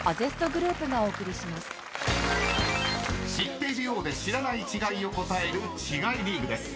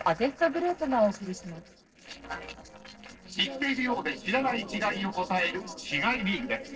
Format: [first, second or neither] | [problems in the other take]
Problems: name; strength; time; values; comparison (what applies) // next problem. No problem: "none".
first | noise reduction (neural separator model SepFormer DNS4)